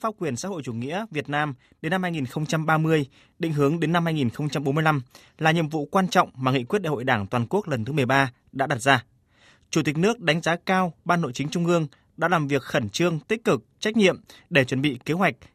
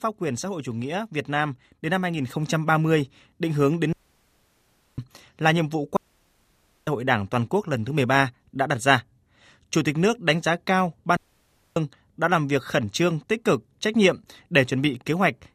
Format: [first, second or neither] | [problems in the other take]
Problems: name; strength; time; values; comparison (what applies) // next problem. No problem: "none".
first | audio cutting out; at 4 s for 1 s, at 6 s for 1 s and at 11 s for 0.5 s